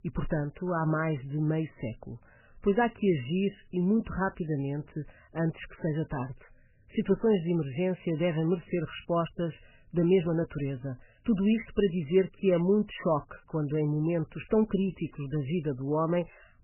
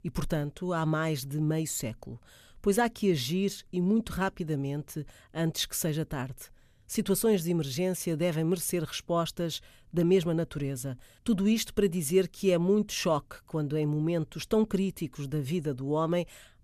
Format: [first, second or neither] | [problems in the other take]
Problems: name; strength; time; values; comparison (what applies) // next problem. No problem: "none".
second | garbled, watery; badly; nothing above 3 kHz